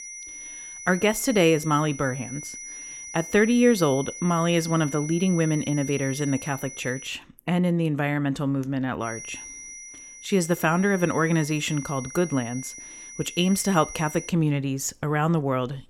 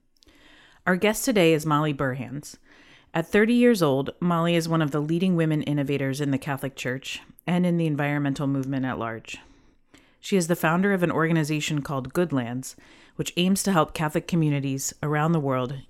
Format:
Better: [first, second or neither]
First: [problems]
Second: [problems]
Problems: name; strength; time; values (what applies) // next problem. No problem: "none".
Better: second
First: high-pitched whine; noticeable; until 7 s and from 9 to 14 s; 6 kHz, 10 dB below the speech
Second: none